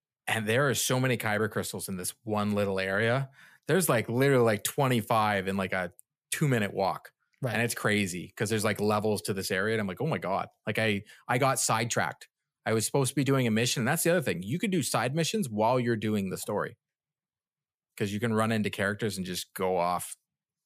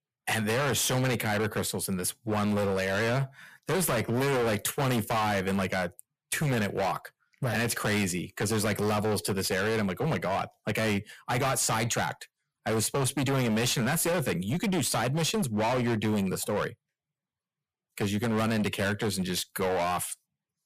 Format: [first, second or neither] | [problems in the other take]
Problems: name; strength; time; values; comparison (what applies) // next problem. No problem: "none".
first | distortion; heavy; 23% of the sound clipped